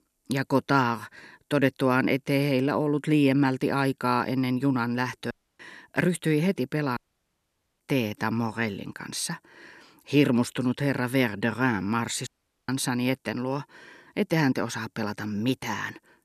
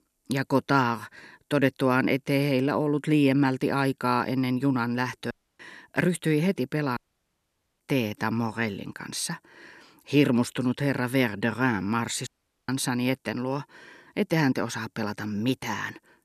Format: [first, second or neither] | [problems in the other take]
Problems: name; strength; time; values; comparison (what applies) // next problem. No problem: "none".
neither | audio cutting out; at 5.5 s, at 7 s for 1 s and at 12 s; the same in both